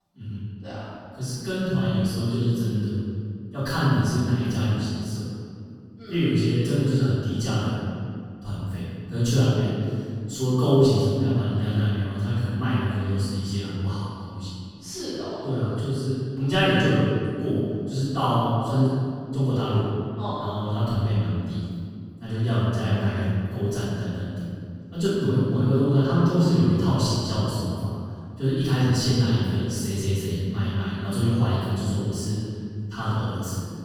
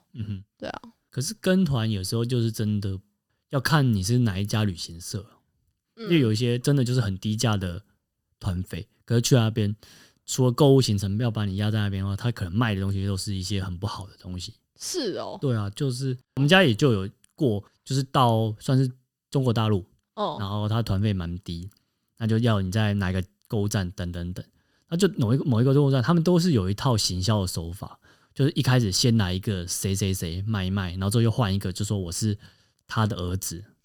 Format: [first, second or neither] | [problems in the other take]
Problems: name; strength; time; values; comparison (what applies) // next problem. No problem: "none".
second | off-mic speech; far // room echo; strong; dies away in 2.1 s